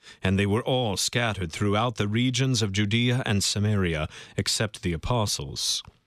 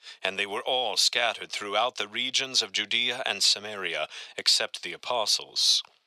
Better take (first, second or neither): first